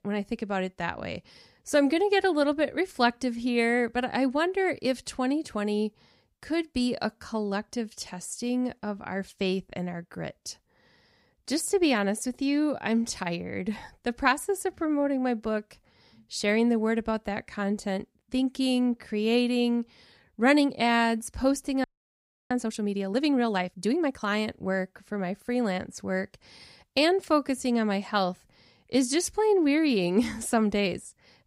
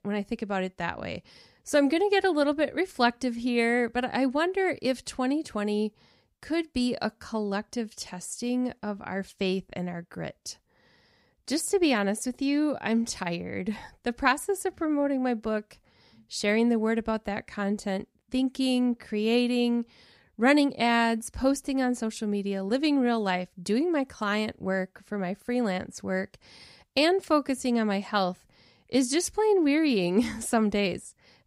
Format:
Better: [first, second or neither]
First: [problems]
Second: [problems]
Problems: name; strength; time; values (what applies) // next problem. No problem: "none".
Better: second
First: audio freezing; at 22 s for 0.5 s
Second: none